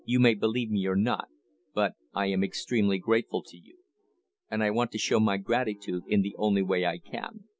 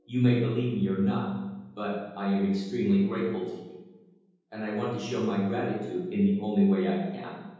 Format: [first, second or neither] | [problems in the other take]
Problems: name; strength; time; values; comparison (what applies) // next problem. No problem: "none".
first | room echo; dies away in 1.3 s